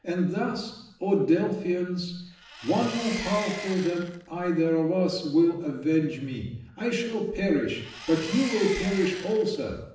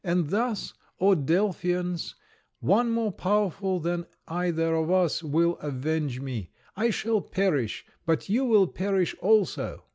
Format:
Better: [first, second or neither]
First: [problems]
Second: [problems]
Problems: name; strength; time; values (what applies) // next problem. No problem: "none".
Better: second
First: background sound (Engine); 12 dB below the speech // room echo; dies away in 0.8 s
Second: none